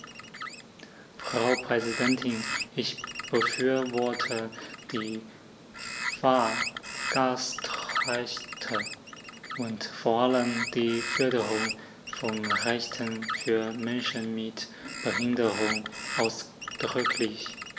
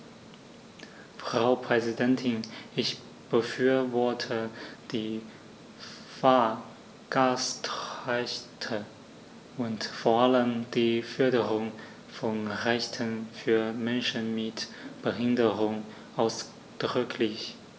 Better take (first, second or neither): second